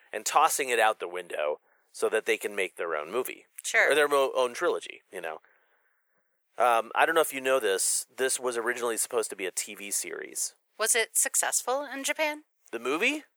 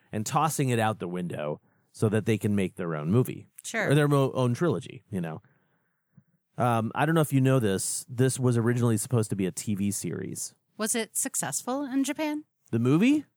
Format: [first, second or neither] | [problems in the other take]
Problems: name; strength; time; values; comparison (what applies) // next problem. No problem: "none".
second | thin; very; fading below 500 Hz